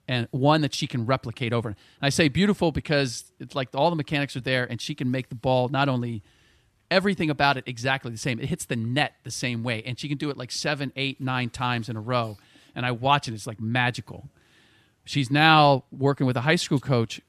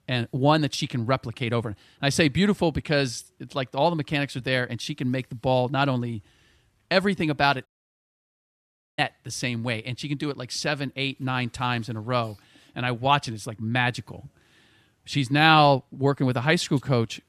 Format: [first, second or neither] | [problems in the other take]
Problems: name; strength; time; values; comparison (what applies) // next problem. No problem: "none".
first | audio cutting out; at 7.5 s for 1.5 s